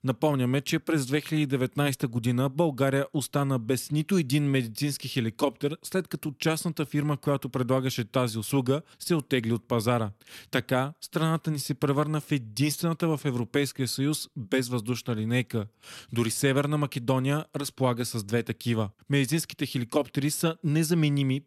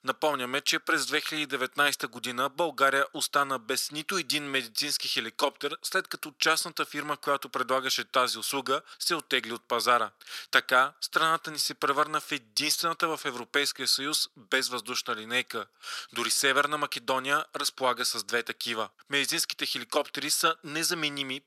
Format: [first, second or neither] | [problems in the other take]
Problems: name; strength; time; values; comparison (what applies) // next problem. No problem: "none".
first | thin; very; fading below 550 Hz